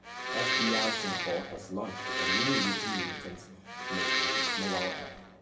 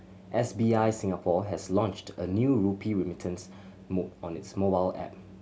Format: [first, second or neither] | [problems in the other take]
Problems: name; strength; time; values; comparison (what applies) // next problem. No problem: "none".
second | background sound (Domestic sounds, home sounds); 4 dB above the speech // room echo; dies away in 2.1 s